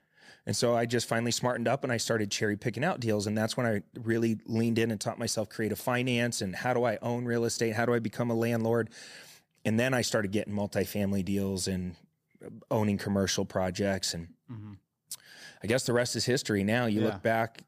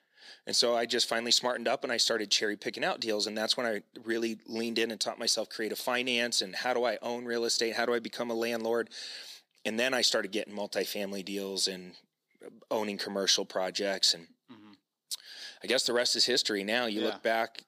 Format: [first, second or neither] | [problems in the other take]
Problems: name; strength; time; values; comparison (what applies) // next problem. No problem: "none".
first | thin; somewhat; fading below 300 Hz